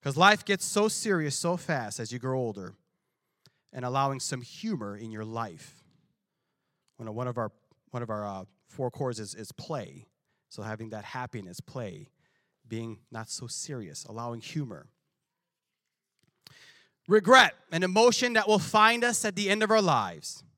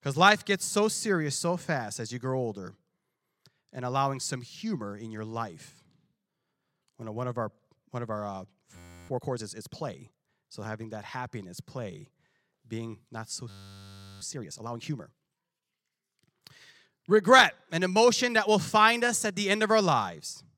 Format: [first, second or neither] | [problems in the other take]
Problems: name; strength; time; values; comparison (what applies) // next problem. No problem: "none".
first | audio freezing; at 9 s and at 13 s for 0.5 s